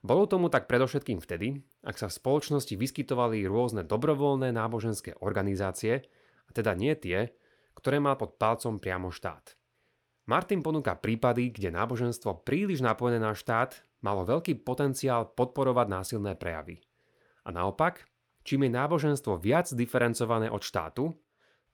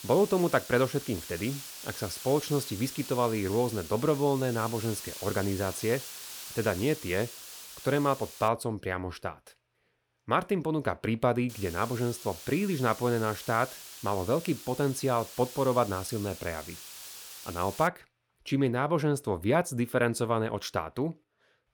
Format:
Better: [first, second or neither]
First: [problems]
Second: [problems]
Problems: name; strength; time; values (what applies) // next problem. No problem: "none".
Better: first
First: none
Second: hiss; noticeable; until 8.5 s and from 11 to 18 s; 10 dB below the speech